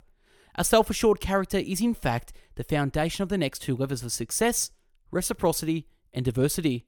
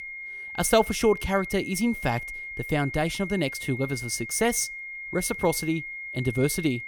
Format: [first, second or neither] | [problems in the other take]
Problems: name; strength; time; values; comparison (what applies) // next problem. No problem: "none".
first | high-pitched whine; loud; throughout; 2 kHz, 8 dB below the speech